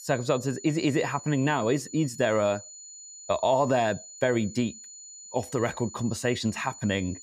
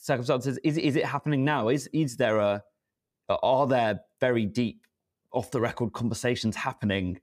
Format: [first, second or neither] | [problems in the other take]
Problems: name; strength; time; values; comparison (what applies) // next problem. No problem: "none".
second | high-pitched whine; noticeable; throughout; 7 kHz, 15 dB below the speech